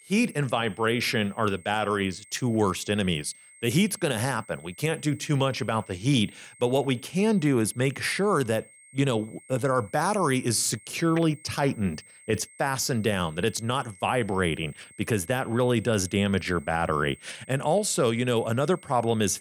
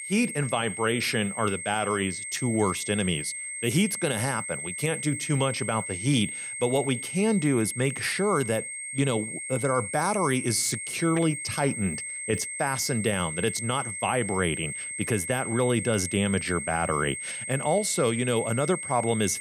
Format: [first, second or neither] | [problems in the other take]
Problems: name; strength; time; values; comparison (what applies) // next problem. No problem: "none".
first | high-pitched whine; loud; throughout; 8.5 kHz, 6 dB below the speech; faint in the first